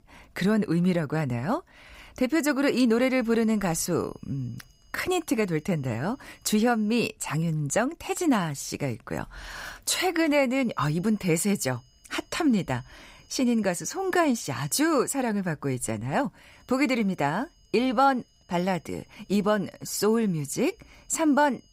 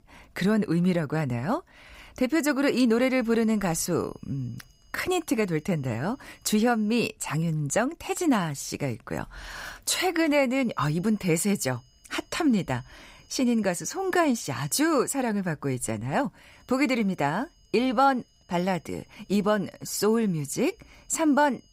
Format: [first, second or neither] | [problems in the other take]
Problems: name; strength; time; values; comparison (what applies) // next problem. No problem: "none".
neither | high-pitched whine; faint; from 3 to 7 s, from 11 to 15 s and from 17 s on; 5 kHz, 35 dB below the speech; the same in both